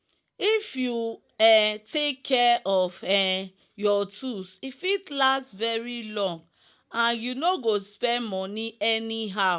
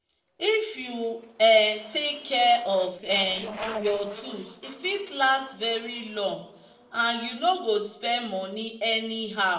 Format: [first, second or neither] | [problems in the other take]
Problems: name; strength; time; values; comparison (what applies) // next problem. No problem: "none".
first | noise reduction (neural separator model SepFormer DNS4)